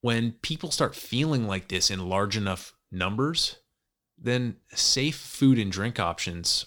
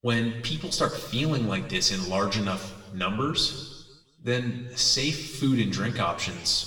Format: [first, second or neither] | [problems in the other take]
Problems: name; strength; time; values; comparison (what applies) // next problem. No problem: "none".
first | room echo; slight; dies away in 1.3 s // off-mic speech; somewhat distant